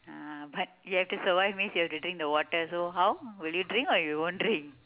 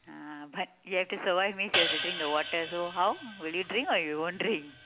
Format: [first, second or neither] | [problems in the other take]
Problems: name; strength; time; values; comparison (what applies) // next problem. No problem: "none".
first | background sound (Hi-hat); 4 dB below the speech